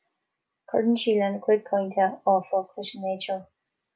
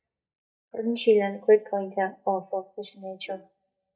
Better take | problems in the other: first | noise reduction (neural mask model DeepFilterNet 3)

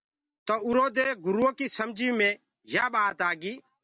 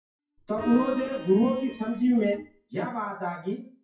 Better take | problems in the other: first | noise reduction (classical method WPE with log-MMSE)

